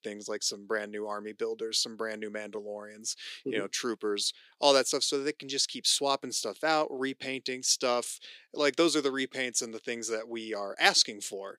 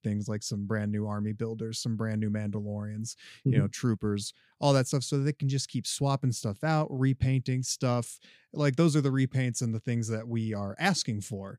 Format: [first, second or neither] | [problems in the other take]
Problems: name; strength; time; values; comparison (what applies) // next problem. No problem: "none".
second | thin; very; fading below 350 Hz